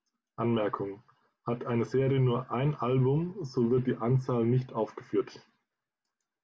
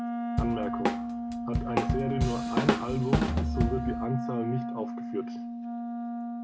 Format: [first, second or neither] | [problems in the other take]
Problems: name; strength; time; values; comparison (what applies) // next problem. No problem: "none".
first | background sound (Drum / Drum kit + Wind instrument, woodwind instrument); 5 dB above the speech